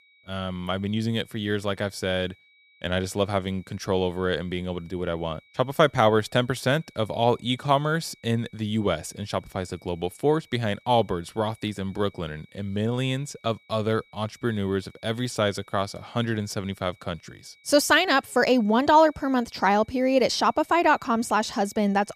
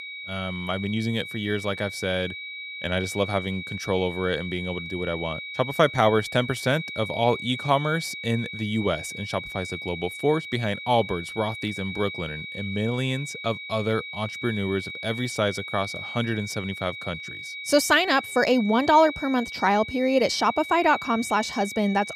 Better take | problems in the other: first | high-pitched whine; loud; throughout; 2.5 kHz, 9 dB below the speech; faint in the first

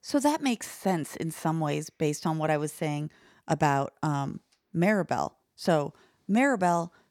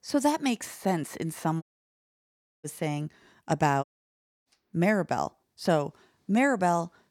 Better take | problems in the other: first | audio cutting out; at 1.5 s for 1 s and at 4 s for 0.5 s

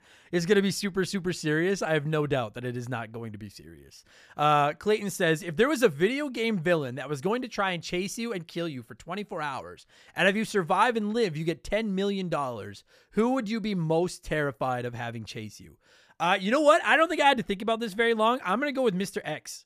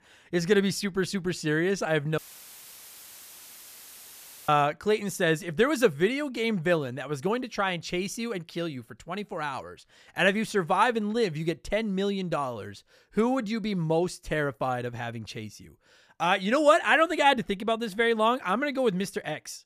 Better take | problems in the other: first | audio cutting out; filled with static; at 2 s for 2.5 s

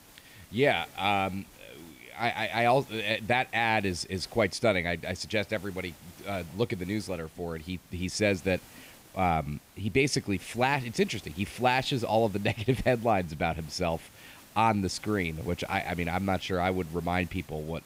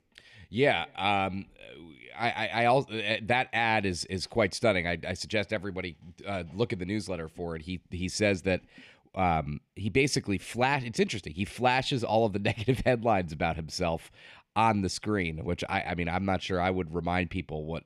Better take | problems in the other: second | hiss; faint; throughout; 20 dB below the speech

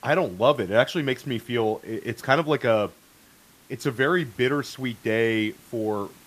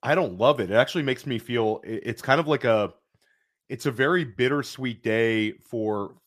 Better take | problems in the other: second | hiss; faint; throughout; 25 dB below the speech

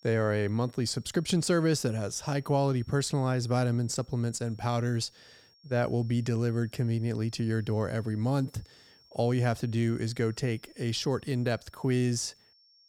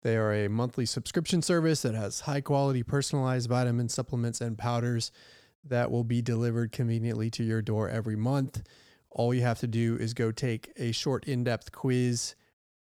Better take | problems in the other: second | high-pitched whine; faint; throughout; 5.5 kHz, 30 dB below the speech

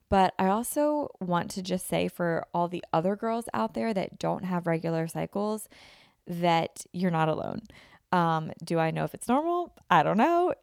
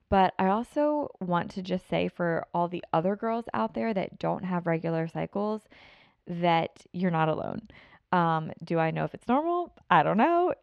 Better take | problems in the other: first | muffled; slightly; fading above 2.5 kHz

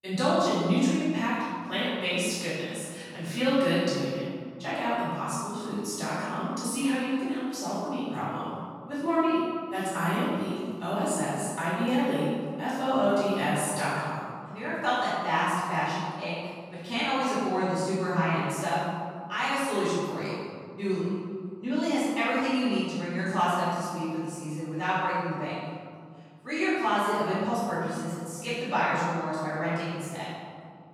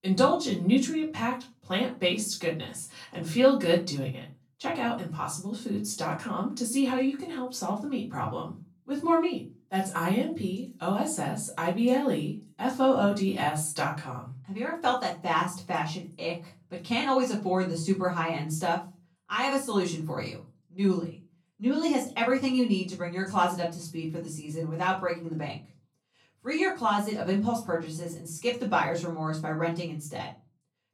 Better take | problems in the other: second | room echo; strong; dies away in 1.9 s; slight in the second // off-mic speech; far; far in the second

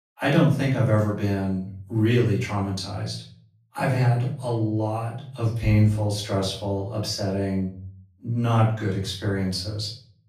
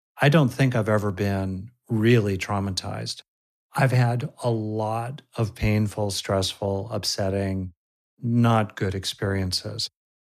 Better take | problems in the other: second | off-mic speech; far // room echo; noticeable; dies away in 0.4 s

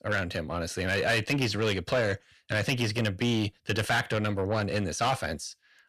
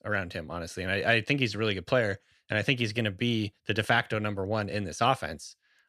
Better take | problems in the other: second | distortion; heavy; 7 dB below the speech

